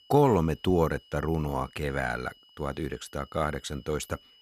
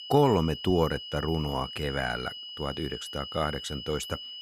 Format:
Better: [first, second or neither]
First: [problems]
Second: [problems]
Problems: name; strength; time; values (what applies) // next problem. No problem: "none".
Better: first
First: high-pitched whine; faint; throughout; 3 kHz, 25 dB below the speech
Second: high-pitched whine; loud; throughout; 3 kHz, 9 dB below the speech